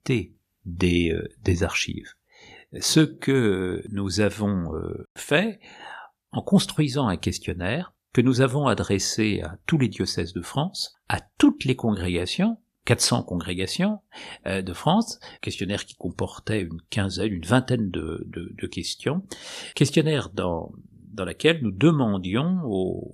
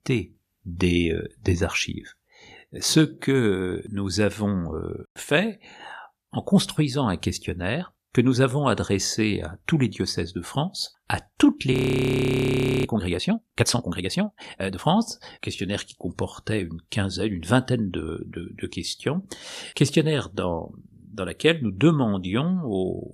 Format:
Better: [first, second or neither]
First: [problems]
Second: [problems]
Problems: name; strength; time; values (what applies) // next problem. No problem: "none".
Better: first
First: none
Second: audio freezing; at 12 s for 1 s